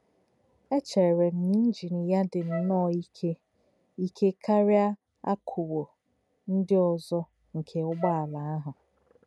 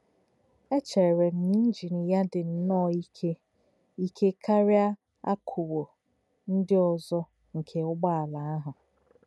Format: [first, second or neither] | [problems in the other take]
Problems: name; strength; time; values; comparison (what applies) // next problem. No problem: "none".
second | background sound (Wind instrument, woodwind instrument); 12 dB below the speech